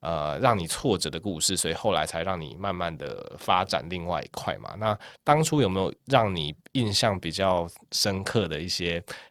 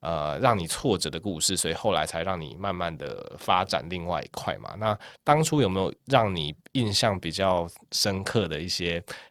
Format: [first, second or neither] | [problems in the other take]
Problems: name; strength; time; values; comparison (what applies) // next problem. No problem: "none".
neither | none